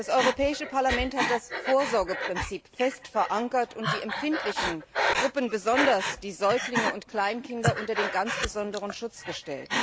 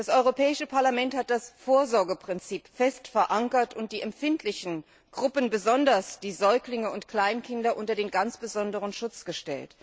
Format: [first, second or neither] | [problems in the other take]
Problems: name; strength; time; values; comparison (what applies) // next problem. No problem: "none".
second | background sound (Breathing); 3 dB below the speech